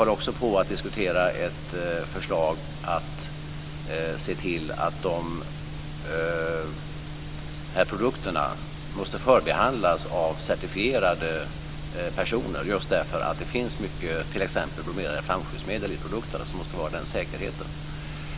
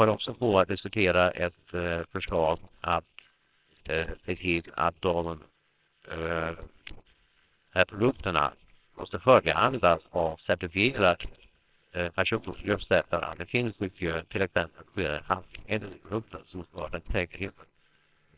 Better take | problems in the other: first | noise reduction (neural separator model SepFormer WHAMR!)

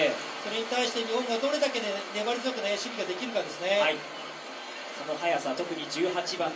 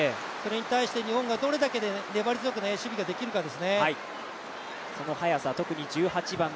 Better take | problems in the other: second | room echo; dies away in 0.3 s

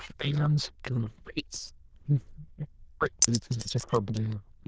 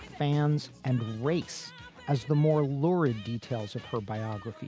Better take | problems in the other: second | noise reduction (neural diffusion model UNIVERSE++)

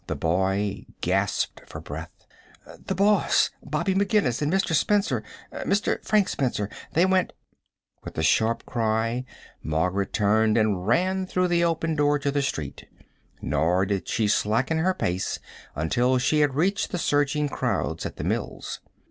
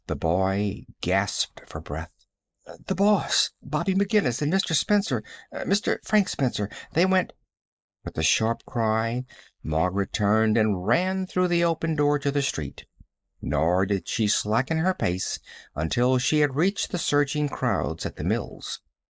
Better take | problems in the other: first | noise reduction (neural mask model Resemble Enhance denoiser)

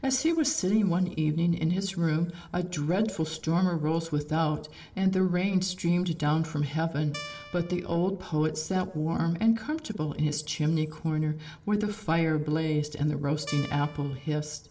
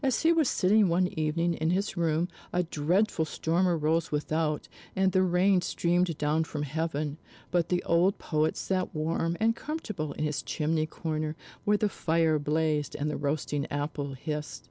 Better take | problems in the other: second | background sound (Guitar); 15 dB below the speech // room echo; dies away in 0.9 s

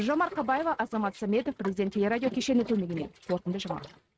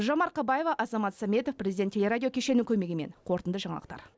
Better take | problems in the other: second | noise reduction (neural mask model RNNoise)

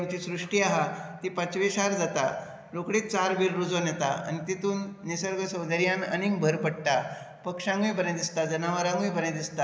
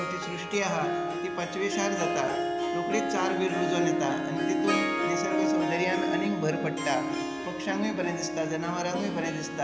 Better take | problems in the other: first | background sound (Harp); 1 dB above the speech

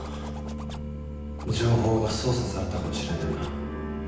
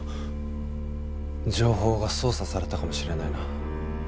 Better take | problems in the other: second | background sound (Zipper (clothing)); 19 dB below the speech // room echo; dies away in 0.9 s

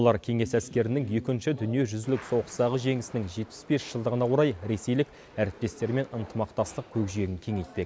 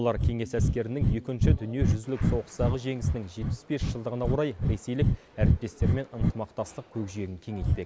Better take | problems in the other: first | background sound (Breathing); 4 dB above the speech

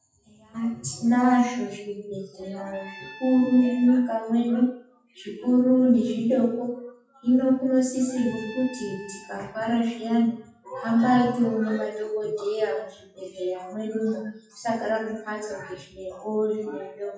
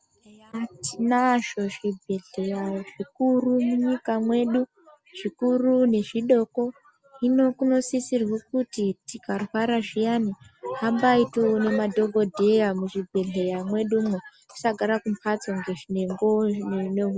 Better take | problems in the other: second | noise reduction (classical method WPE with log-MMSE)

